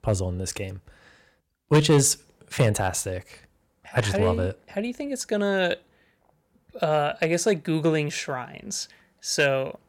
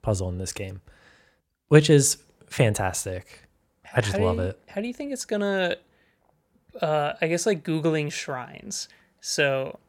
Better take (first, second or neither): second